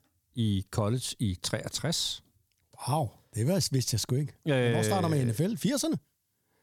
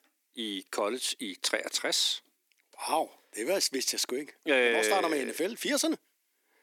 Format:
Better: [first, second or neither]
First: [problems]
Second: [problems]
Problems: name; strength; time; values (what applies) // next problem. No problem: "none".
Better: first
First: none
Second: thin; somewhat; fading below 300 Hz